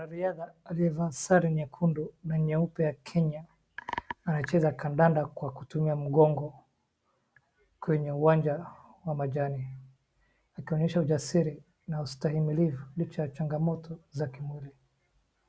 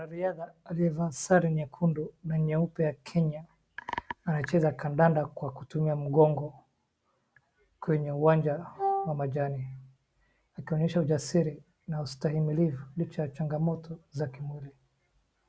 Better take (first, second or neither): first